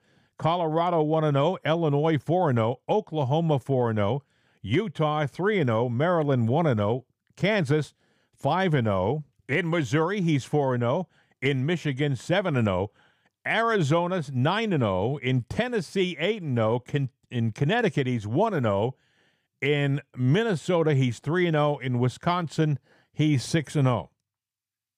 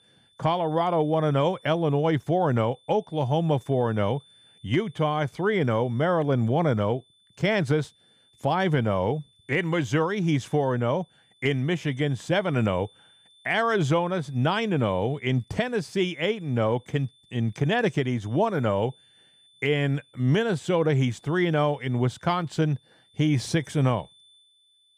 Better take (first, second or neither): first